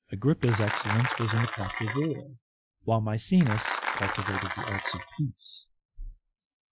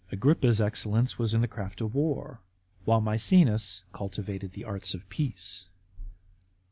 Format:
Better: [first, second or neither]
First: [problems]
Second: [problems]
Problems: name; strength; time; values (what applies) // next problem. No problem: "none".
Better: second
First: noise reduction (classical method Wiener filter)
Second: none